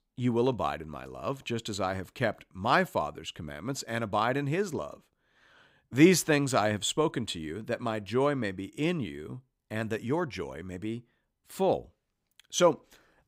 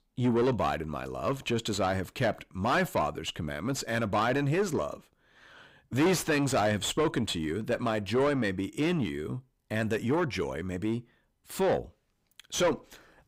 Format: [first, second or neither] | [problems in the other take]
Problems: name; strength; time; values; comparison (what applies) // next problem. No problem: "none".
first | distortion; heavy; 5 dB below the speech